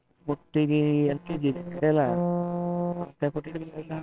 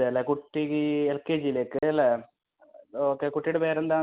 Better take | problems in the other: second | noise reduction (neural separator model SepFormer WHAMR!)

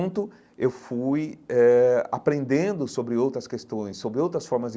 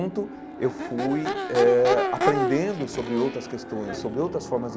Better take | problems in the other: first | background sound (Crowd / Race car, auto racing / Accelerating, revving, vroom); 4 dB below the speech

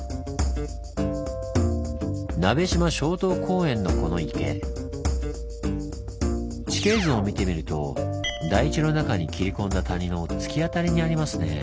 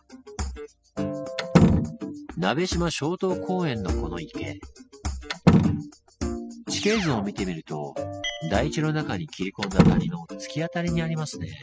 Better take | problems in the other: first | noise reduction (classical method spectral subtraction)

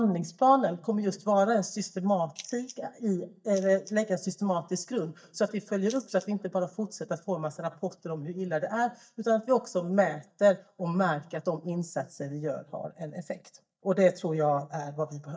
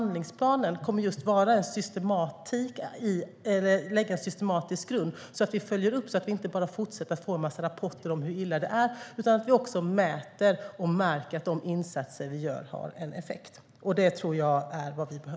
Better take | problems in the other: second | noise reduction (neural mask model DeepFilterNet 3)

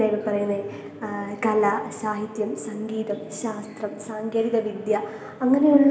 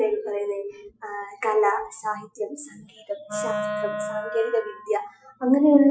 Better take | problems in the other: first | noise reduction (classical method Wiener filter)

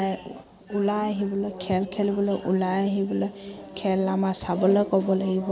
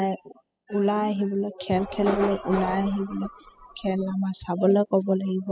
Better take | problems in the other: first | noise reduction (classical method spectral subtraction)

